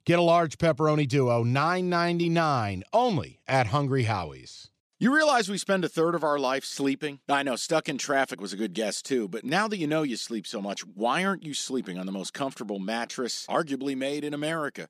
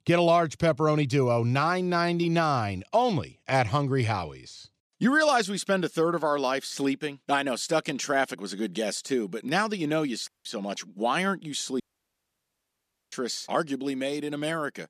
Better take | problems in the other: first | audio cutting out; at 10 s and at 12 s for 1.5 s

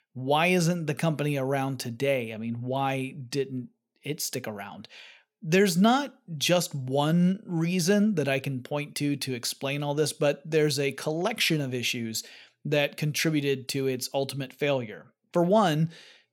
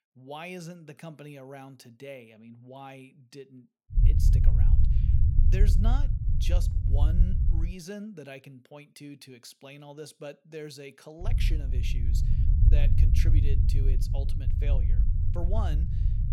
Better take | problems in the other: first | low rumble; loud; from 4 to 7.5 s and from 11 s on; 1 dB below the speech

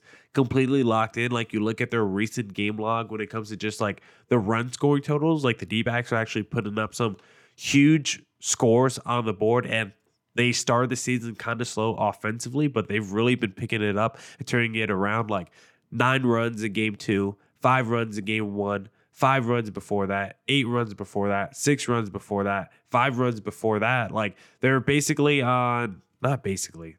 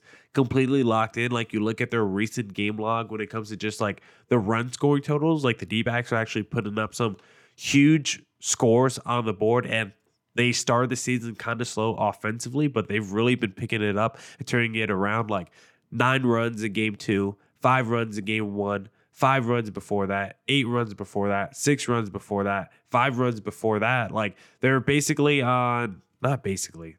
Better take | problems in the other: neither | none

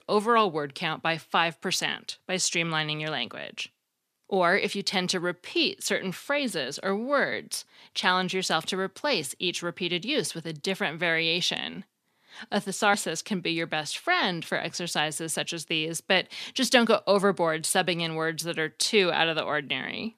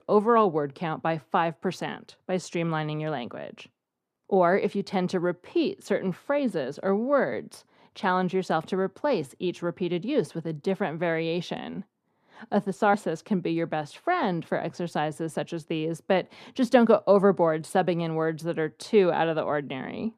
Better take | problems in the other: first | muffled; very; fading above 1.5 kHz

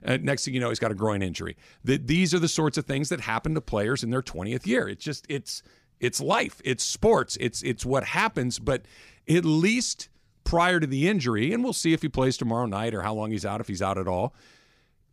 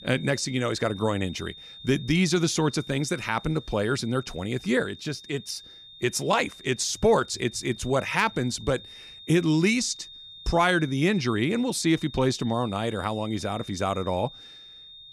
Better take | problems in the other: first | high-pitched whine; noticeable; throughout; 3.5 kHz, 15 dB below the speech

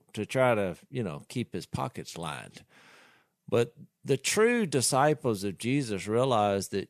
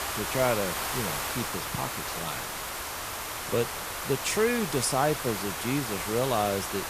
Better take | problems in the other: first | hiss; loud; throughout; 2 dB below the speech

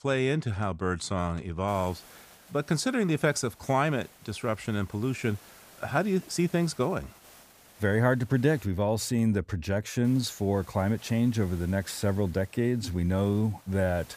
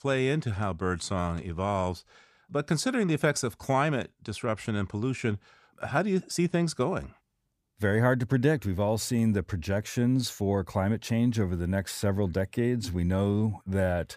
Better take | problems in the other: second | hiss; faint; from 1.5 to 8.5 s and from 10 s on; 25 dB below the speech

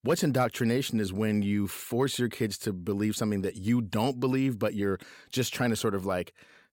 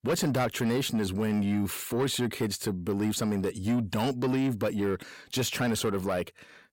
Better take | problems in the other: first | distortion; slight; 10 dB below the speech

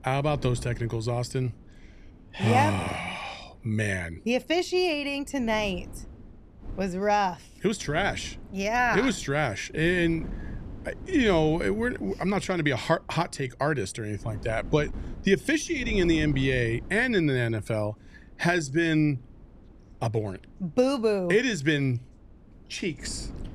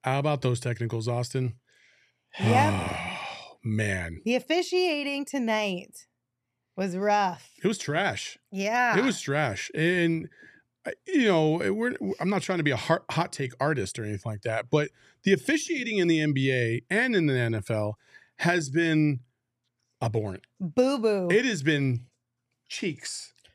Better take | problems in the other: second | wind noise on the microphone; occasional gusts; 25 dB below the speech

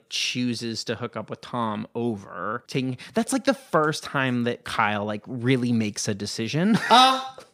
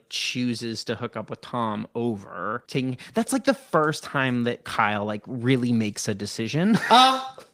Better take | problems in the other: first | garbled, watery; slightly; nothing above 15.5 kHz

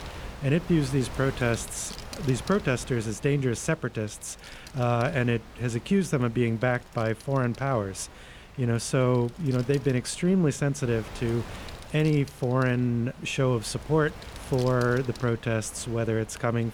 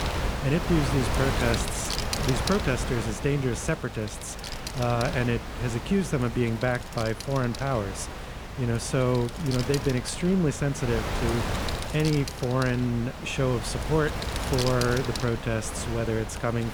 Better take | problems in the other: first | wind noise on the microphone; heavy; 3 dB below the speech; occasional gusts in the first

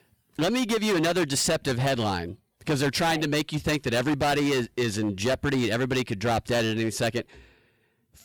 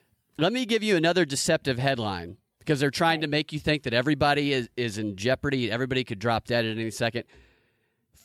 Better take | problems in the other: second | distortion; heavy; 16% of the sound clipped

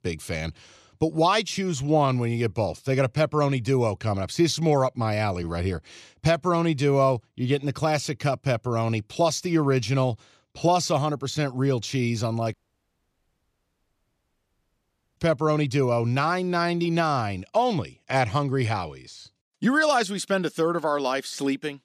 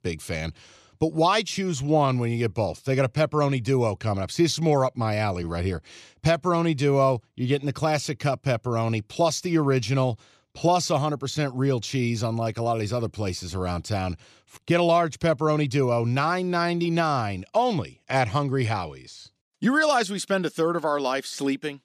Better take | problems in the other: second | audio cutting out; at 13 s for 2.5 s

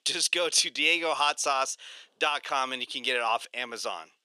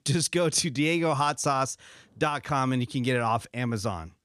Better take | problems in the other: second | thin; very; fading below 450 Hz

